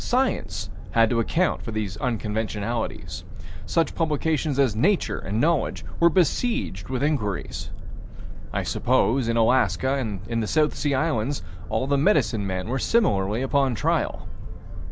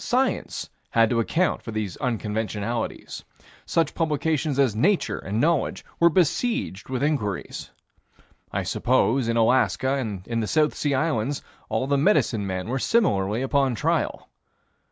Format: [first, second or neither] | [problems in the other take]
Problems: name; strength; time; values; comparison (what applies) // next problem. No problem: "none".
second | background sound (Boat, Water vehicle); 5 dB below the speech